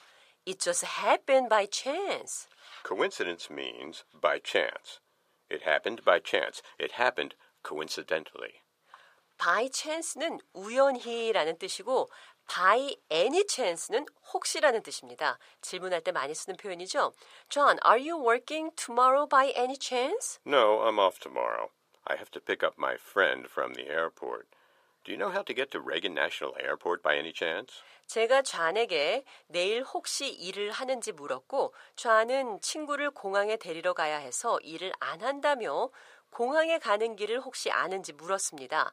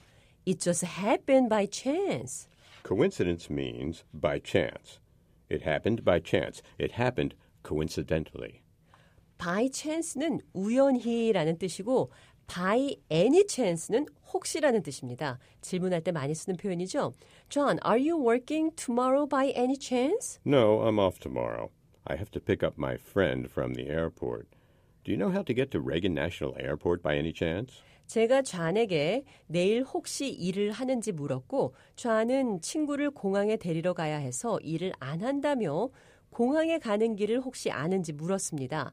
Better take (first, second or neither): second